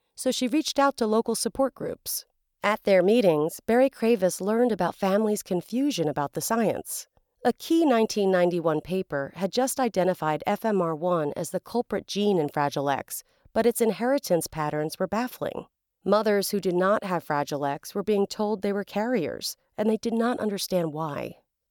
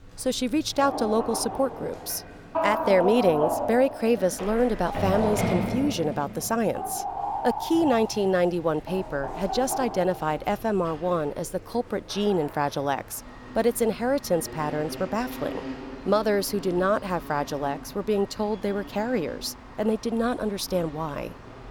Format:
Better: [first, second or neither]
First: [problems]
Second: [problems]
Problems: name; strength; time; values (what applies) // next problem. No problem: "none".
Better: first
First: none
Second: animal sounds; loud; throughout; 7 dB below the speech